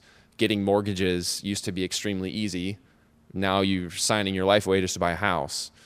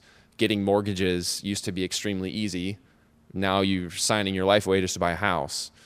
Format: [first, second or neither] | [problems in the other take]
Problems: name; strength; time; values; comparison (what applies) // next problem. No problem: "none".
neither | none